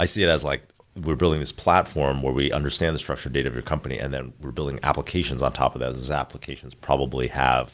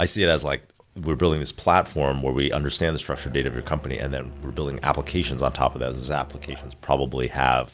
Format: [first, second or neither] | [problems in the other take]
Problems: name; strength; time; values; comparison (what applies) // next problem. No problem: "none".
first | background sound (Musical instrument); 15 dB below the speech